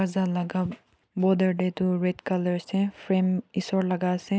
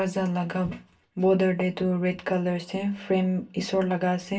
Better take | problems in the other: first | room echo; dies away in 0.2 s

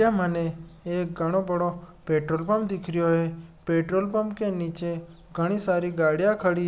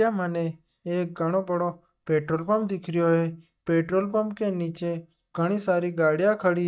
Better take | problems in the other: first | noise reduction (neural mask model DeepFilterNet 3)

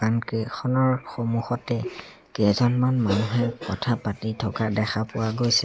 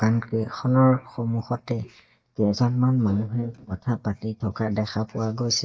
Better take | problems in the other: first | noise reduction (neural mask model DeepFilterNet 3)

